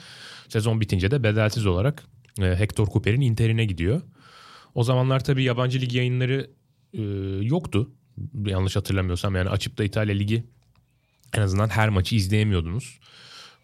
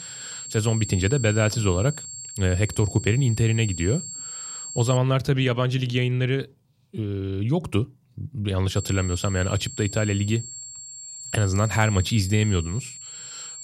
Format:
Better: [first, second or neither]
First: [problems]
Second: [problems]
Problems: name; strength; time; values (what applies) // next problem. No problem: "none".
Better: first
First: none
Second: high-pitched whine; noticeable; until 5 s and from 9 s on; 7.5 kHz, 10 dB below the speech